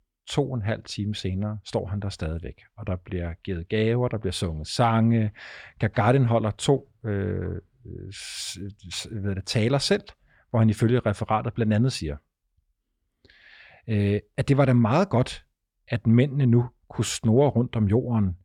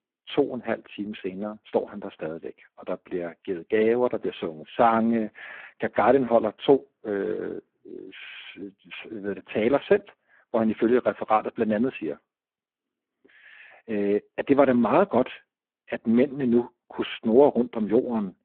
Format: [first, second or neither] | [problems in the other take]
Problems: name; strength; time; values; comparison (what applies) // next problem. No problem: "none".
first | phone-call audio; poor line